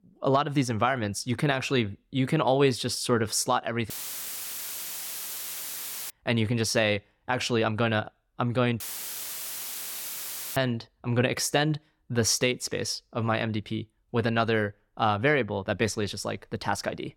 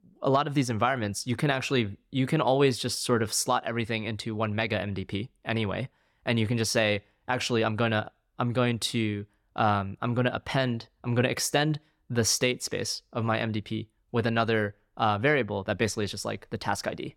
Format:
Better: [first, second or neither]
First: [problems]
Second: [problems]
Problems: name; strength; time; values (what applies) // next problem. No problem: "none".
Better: second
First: audio cutting out; filled with static; at 4 s for 2 s and at 9 s for 2 s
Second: none